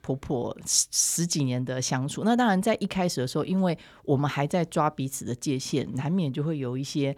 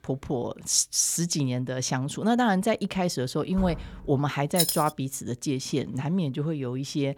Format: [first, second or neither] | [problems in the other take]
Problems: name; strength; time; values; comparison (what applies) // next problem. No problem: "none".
first | door banging; faint; at 3.5 s; peak 10 dB below the speech // jangling keys; loud; at 4.5 s; peak 2 dB above the speech